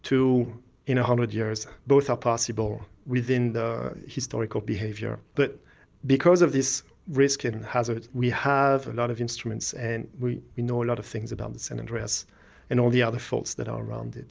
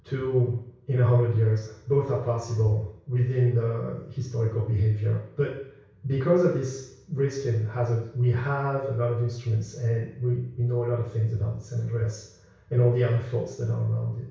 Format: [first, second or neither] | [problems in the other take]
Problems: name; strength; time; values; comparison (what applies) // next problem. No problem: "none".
first | room echo; dies away in 0.6 s